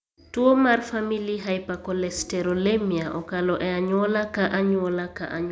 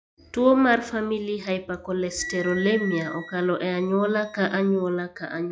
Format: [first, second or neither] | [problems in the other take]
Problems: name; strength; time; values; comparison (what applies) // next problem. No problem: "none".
first | noise reduction (classical method log-MMSE)